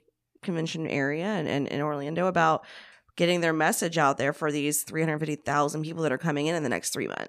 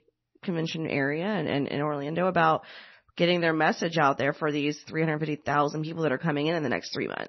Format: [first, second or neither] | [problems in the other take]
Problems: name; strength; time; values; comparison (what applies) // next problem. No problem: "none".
first | garbled, watery; slightly; nothing above 6 kHz